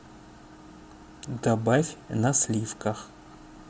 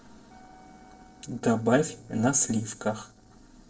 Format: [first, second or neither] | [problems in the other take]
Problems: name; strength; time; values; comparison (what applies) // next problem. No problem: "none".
first | noise reduction (neural separator model SepFormer DNS4)